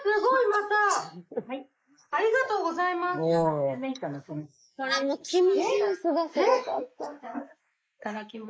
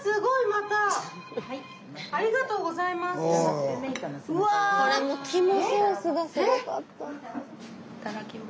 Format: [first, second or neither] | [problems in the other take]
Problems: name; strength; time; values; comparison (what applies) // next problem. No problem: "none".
second | noise reduction (neural mask model Resemble Enhance denoiser)